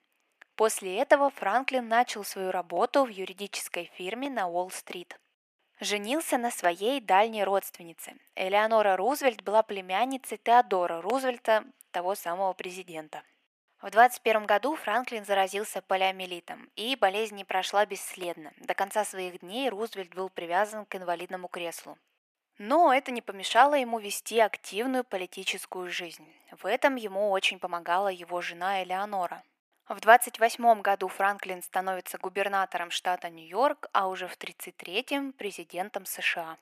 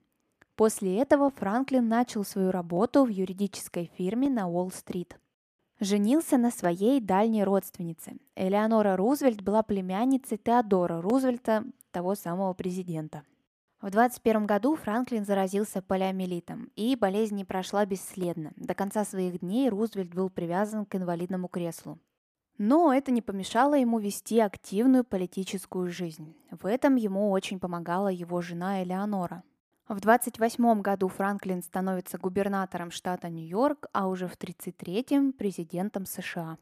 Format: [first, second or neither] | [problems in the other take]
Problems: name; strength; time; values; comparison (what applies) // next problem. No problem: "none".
second | thin; very; fading below 550 Hz